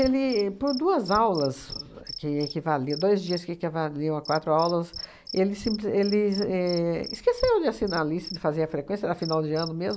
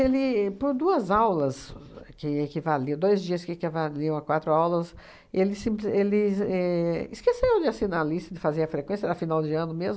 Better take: second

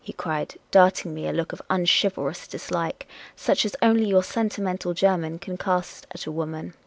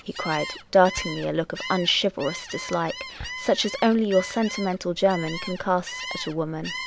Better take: first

